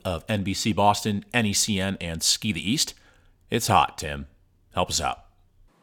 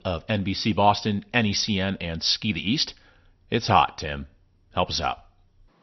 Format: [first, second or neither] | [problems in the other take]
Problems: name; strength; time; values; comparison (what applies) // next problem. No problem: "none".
first | garbled, watery; slightly; nothing above 6 kHz